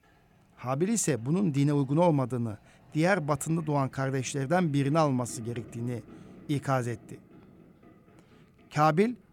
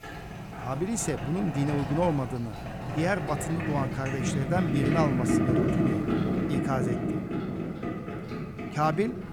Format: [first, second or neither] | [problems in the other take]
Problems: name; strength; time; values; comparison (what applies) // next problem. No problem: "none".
first | household noises; loud; throughout; as loud as the speech; faint in the first